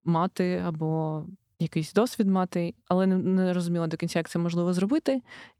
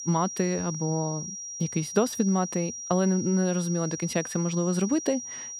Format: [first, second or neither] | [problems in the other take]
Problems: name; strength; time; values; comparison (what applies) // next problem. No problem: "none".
first | high-pitched whine; loud; throughout; 5.5 kHz, 7 dB below the speech